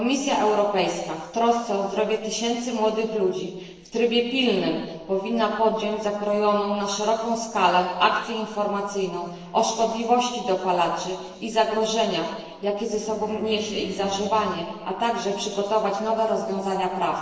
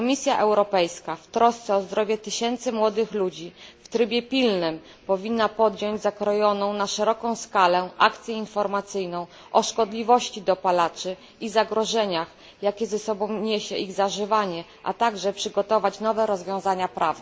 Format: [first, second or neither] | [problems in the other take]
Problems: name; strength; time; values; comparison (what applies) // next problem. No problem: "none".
second | noise reduction (neural separator model SepFormer DNS4)